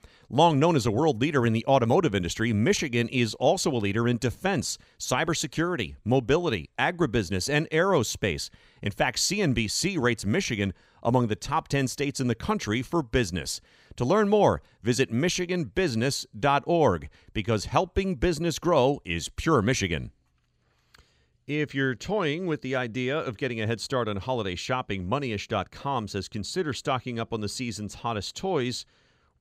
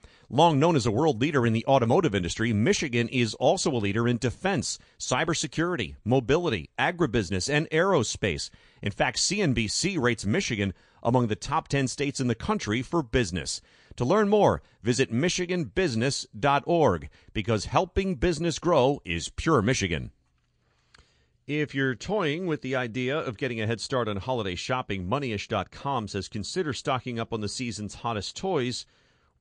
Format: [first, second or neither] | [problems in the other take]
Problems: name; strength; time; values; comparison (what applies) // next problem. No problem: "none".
first | garbled, watery; slightly; nothing above 8.5 kHz